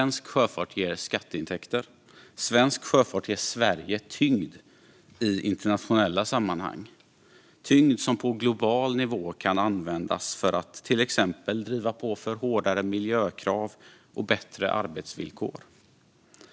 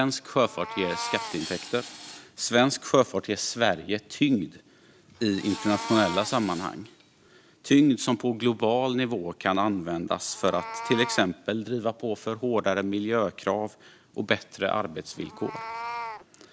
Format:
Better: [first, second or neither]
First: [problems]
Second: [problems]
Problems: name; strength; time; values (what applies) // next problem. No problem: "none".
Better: first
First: none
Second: background sound (Tools + Meow); 14 dB below the speech